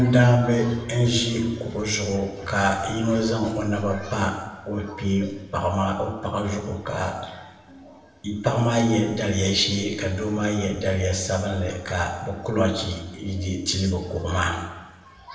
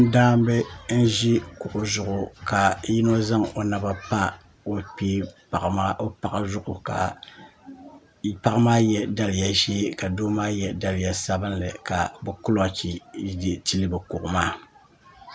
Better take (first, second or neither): second